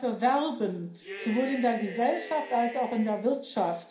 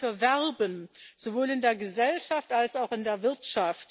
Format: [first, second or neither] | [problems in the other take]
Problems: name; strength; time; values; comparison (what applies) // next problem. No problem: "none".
second | background sound (Cheering); 13 dB below the speech // room echo; dies away in 0.5 s